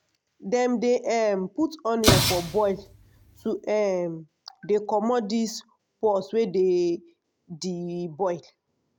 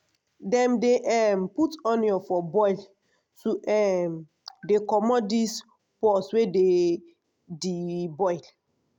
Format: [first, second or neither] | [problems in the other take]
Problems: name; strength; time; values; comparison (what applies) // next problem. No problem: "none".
second | background sound (Explosion); as loud as the speech